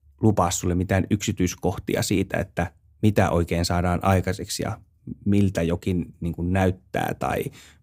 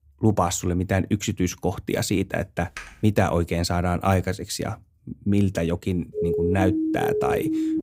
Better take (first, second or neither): first